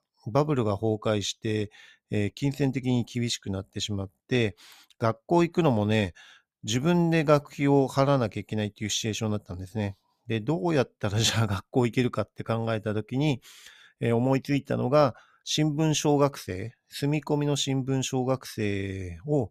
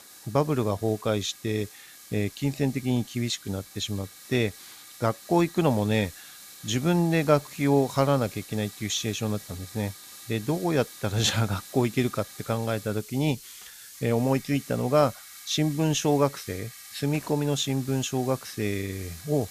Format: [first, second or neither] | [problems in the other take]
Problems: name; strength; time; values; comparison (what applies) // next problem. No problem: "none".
first | hiss; noticeable; throughout; 15 dB below the speech